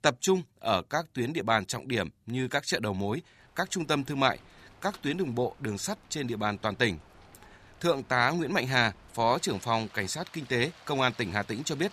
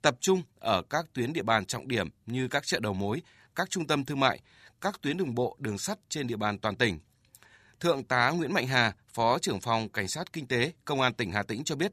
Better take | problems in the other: second | rain or running water; faint; from 3.5 s on; 25 dB below the speech

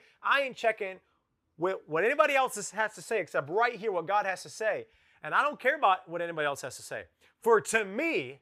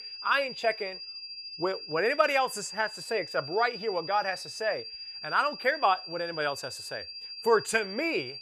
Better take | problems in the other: first | high-pitched whine; loud; throughout; 5 kHz, 10 dB below the speech

